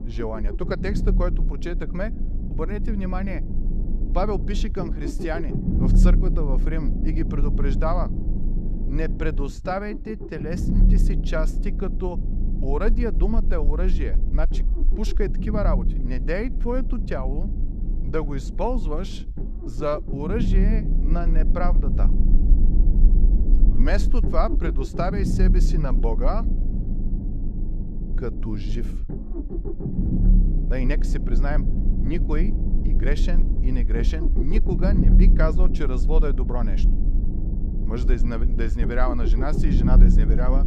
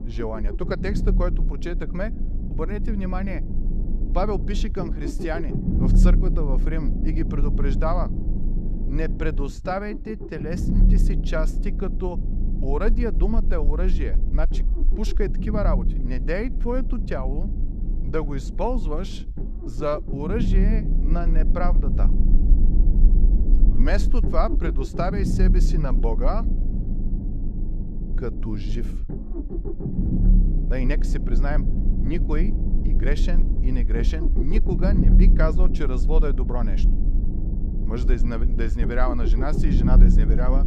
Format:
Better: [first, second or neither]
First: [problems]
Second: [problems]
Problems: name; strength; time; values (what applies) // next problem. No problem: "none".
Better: neither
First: low rumble; loud; throughout; 7 dB below the speech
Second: low rumble; loud; throughout; 7 dB below the speech